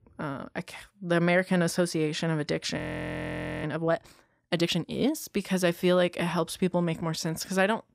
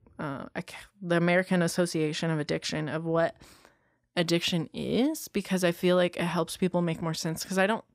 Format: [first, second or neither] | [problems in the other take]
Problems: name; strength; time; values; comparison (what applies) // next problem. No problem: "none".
second | audio freezing; at 3 s for 1 s